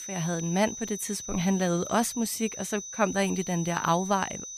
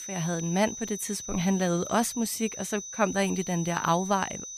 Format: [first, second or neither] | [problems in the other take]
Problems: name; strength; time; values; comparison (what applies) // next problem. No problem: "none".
neither | high-pitched whine; loud; throughout; 6 kHz, 9 dB below the speech; the same in both